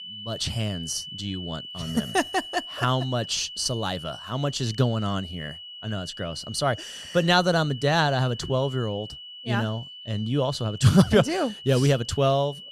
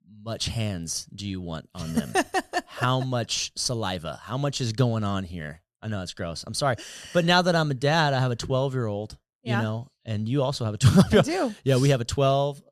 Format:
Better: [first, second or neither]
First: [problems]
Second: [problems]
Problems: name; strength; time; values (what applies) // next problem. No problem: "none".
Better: second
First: high-pitched whine; noticeable; throughout; 3 kHz, 15 dB below the speech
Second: none